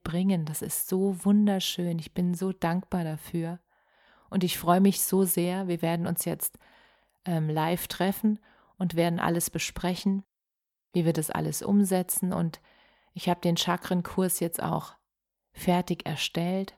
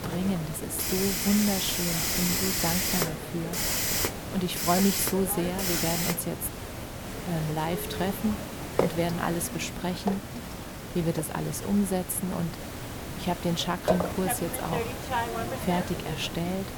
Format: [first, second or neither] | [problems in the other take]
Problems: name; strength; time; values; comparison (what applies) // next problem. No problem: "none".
first | hiss; loud; throughout; as loud as the speech